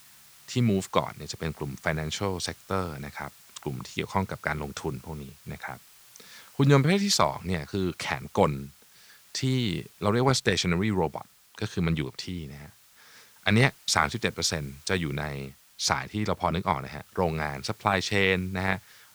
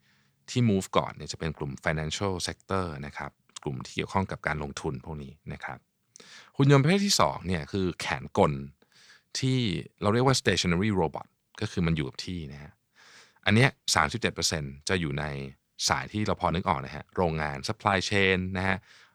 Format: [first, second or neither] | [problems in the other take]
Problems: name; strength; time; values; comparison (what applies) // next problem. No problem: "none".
second | hiss; faint; throughout; 25 dB below the speech